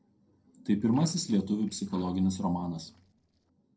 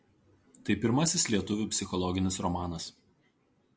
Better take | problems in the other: second | noise reduction (neural separator model SepFormer DNS4)

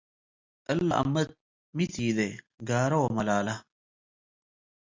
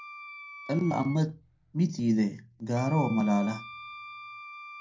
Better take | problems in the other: first | background sound (Wind instrument, woodwind instrument); 16 dB below the speech // room echo; dies away in 0.2 s

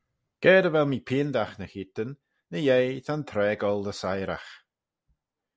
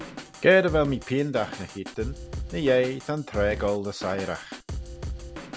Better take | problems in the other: first | background sound (Drum kit); 11 dB below the speech

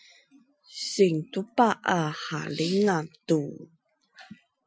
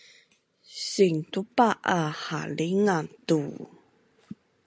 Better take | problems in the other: second | noise reduction (classical method Wiener filter)

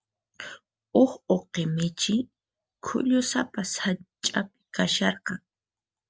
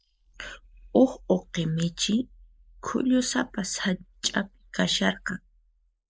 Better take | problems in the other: first | noise reduction (neural mask model Resemble Enhance denoiser)

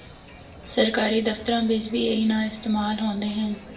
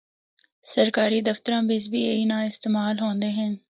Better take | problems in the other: second | background sound (Crowd); 19 dB below the speech // room echo; dies away in 0.5 s

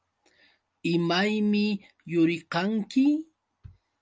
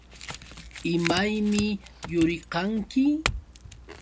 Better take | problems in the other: first | background sound (Chink, clink / Domestic sounds, home sounds); 9 dB below the speech

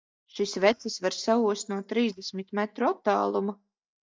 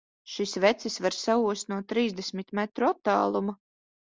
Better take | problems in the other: second | noise reduction (neural mask model DeepFilterNet 3)

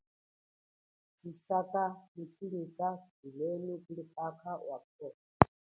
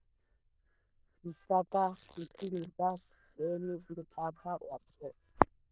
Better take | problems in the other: first | noise reduction (neural diffusion model UNIVERSE++)

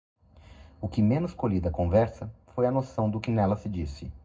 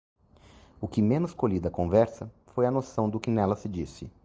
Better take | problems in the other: second | room echo; dies away in 0.3 s

